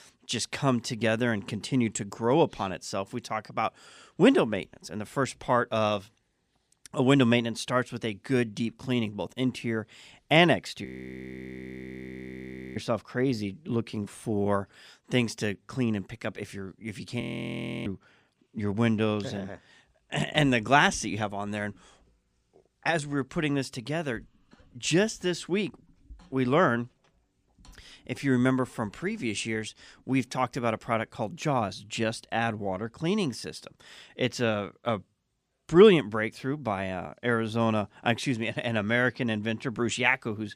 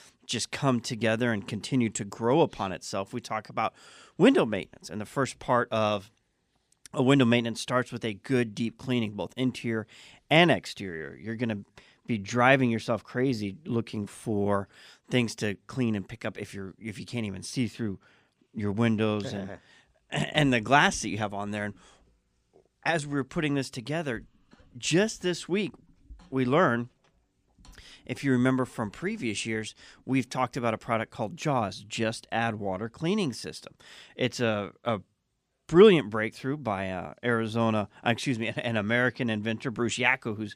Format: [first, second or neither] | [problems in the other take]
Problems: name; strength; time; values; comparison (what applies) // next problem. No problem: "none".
second | audio freezing; at 11 s for 2 s and at 17 s for 0.5 s